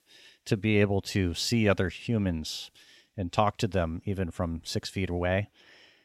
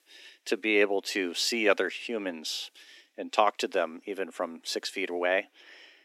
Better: first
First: none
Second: thin; somewhat; fading below 300 Hz

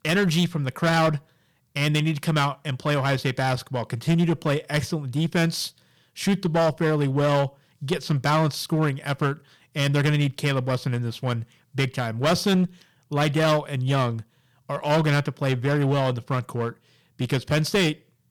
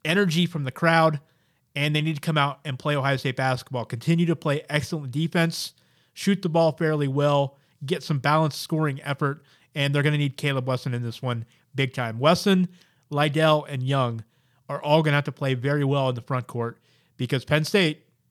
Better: second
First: distortion; slight; 9% of the sound clipped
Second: none

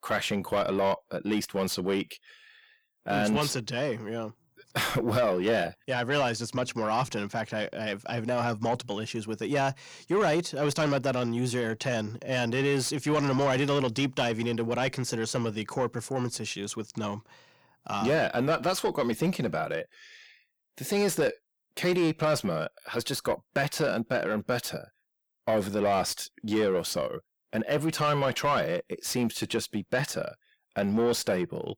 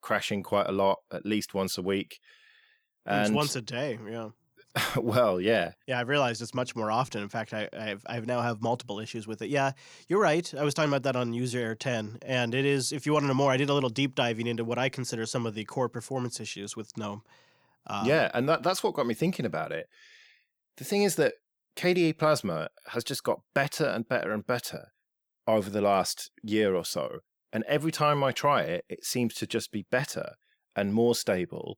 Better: second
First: distortion; slight; 10 dB below the speech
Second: none

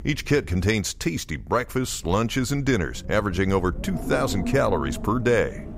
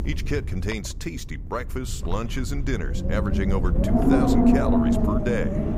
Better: first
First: wind noise on the microphone; occasional gusts; 15 dB below the speech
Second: wind noise on the microphone; heavy; 5 dB above the speech

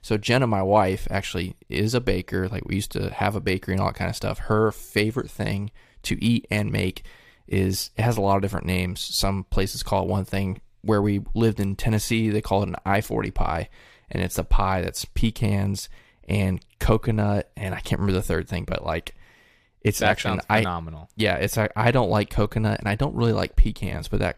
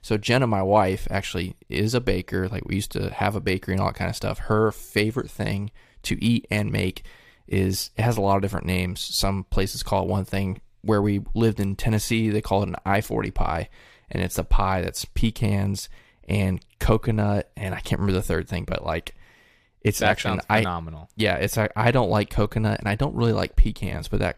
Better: neither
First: none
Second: none

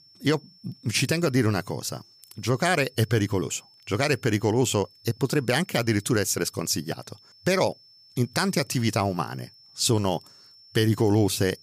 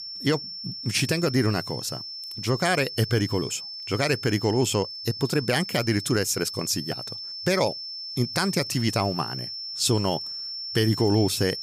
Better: first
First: high-pitched whine; faint; throughout; 5.5 kHz, 25 dB below the speech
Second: high-pitched whine; loud; throughout; 5.5 kHz, 7 dB below the speech

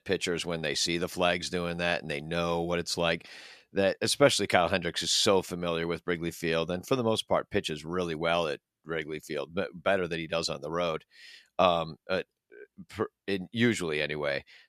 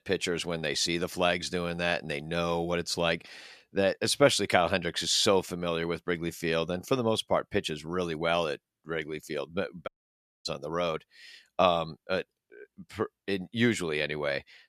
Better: first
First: none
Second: audio cutting out; at 10 s for 0.5 s

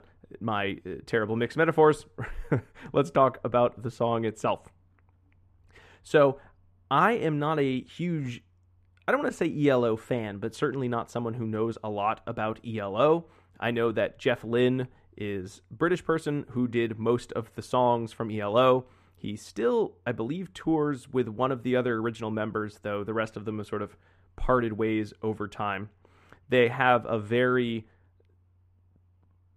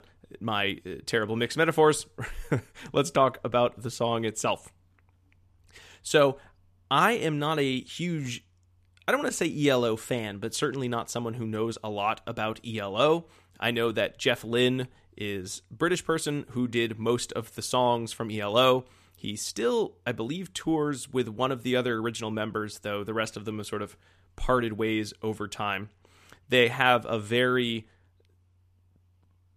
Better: second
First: muffled; slightly; fading above 2.5 kHz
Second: none

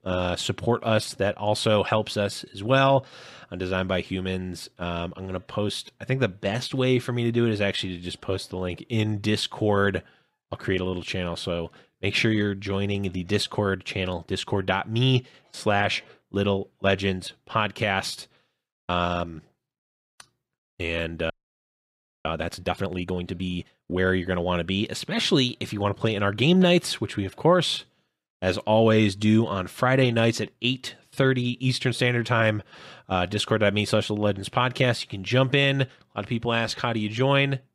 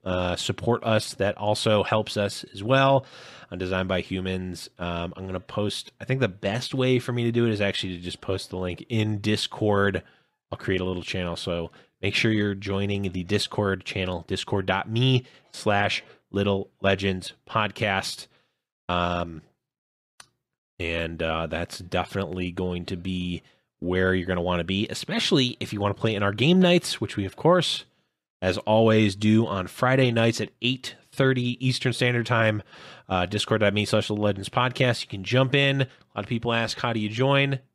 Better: second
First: audio freezing; at 21 s for 1 s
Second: none

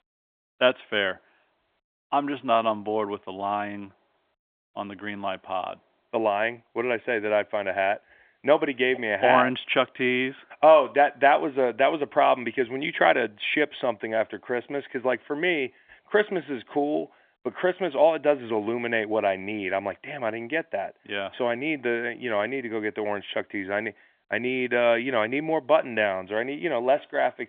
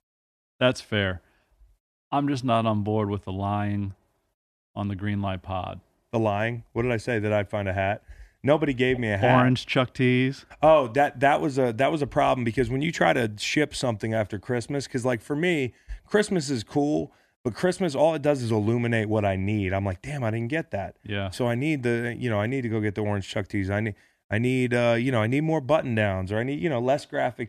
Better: second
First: phone-call audio; nothing above 3.5 kHz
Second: none

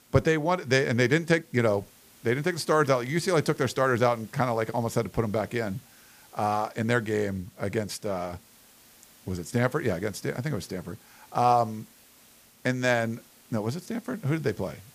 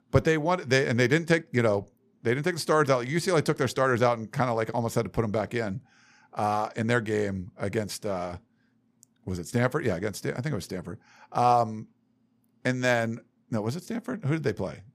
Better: second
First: hiss; faint; throughout; 25 dB below the speech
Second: none

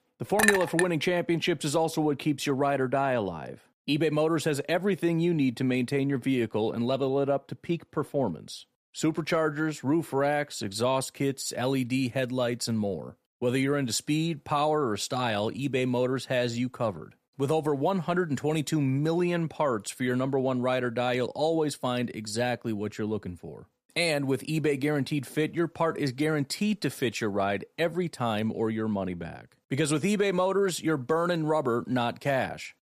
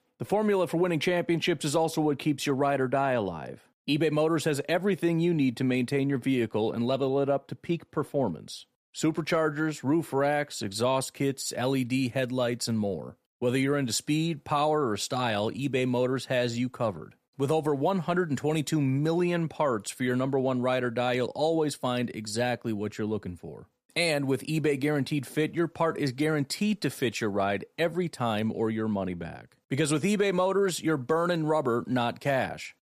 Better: second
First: clattering dishes; loud; at 0.5 s; peak 4 dB above the speech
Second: none

